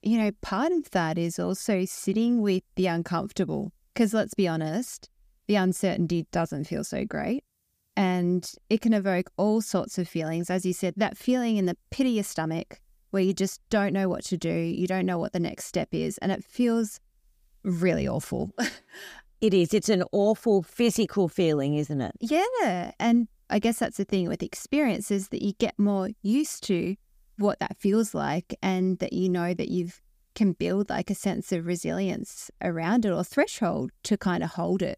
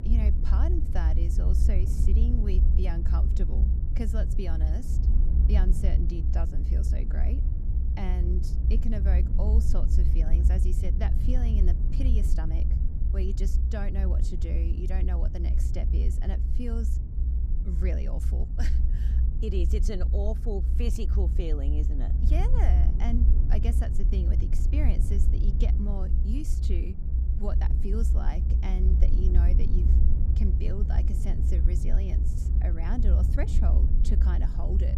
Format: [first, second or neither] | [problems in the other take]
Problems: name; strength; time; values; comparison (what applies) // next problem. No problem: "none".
first | low rumble; loud; throughout; 3 dB below the speech